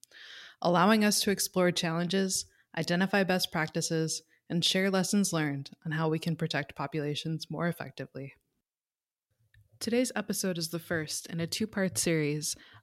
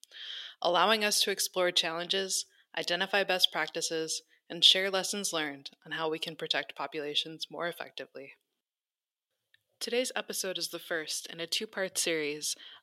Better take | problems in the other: first | thin; somewhat; fading below 450 Hz

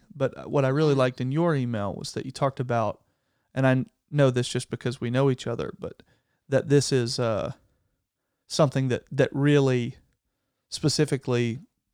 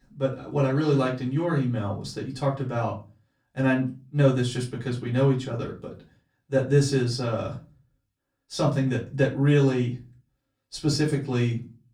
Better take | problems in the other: first | off-mic speech; far // room echo; very slight; dies away in 0.3 s

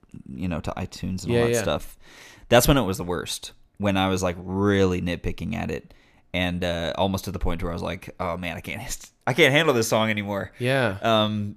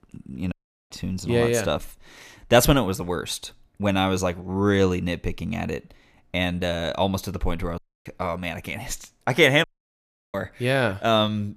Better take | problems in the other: first | audio cutting out; at 0.5 s, at 8 s and at 9.5 s for 0.5 s

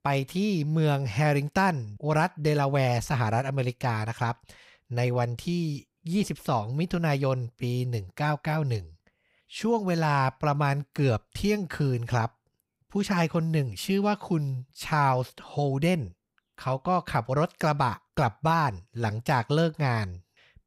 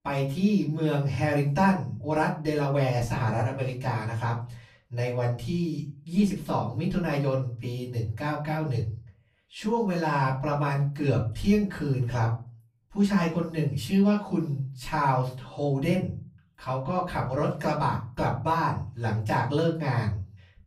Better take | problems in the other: first | off-mic speech; far // room echo; slight; dies away in 0.4 s

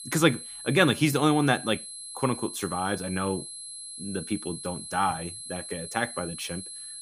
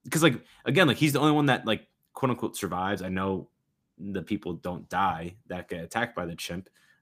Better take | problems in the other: second | high-pitched whine; loud; throughout; 11 kHz, 10 dB below the speech

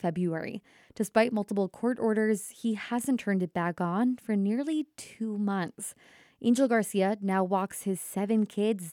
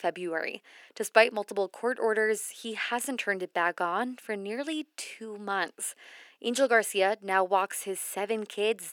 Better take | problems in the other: first | thin; very; fading below 400 Hz

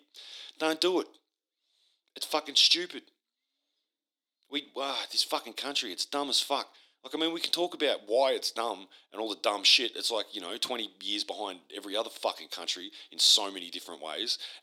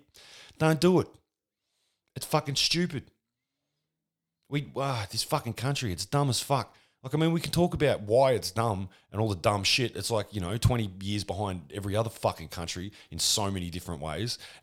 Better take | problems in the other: second | thin; somewhat; fading below 300 Hz

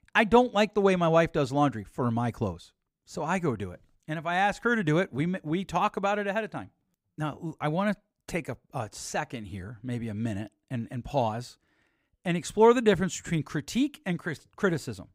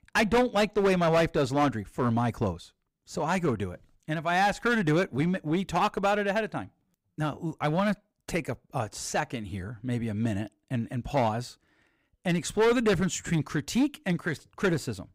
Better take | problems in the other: first | distortion; heavy; 6% of the sound clipped

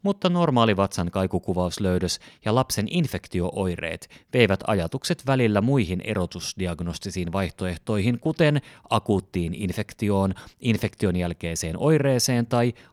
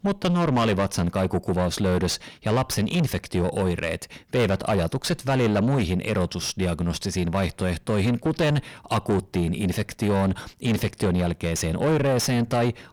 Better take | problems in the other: first | distortion; heavy; 7 dB below the speech

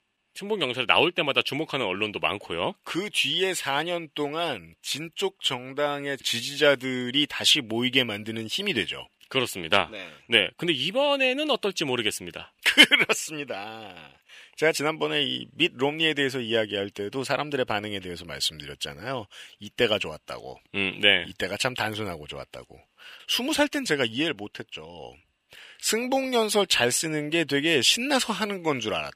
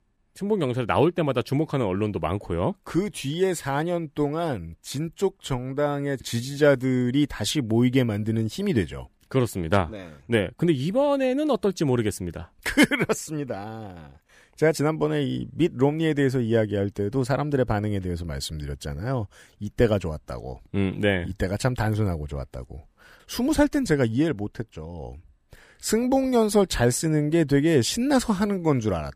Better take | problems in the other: second | thin; somewhat; fading below 700 Hz

